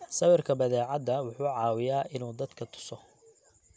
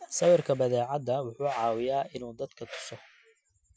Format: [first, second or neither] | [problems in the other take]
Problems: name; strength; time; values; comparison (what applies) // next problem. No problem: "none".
first | noise reduction (classical method Wiener filter)